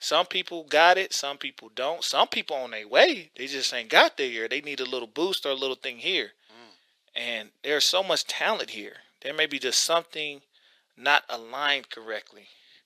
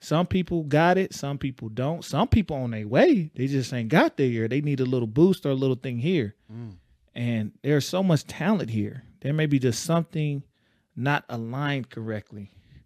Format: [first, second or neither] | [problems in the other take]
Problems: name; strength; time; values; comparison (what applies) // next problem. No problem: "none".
second | thin; very; fading below 550 Hz